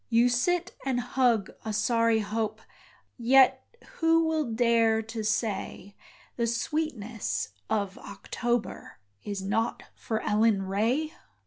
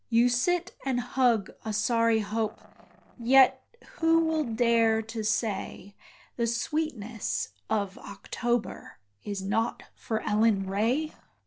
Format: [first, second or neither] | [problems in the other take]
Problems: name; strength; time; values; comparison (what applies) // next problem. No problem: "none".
first | noise reduction (neural separator model SepFormer DNS4)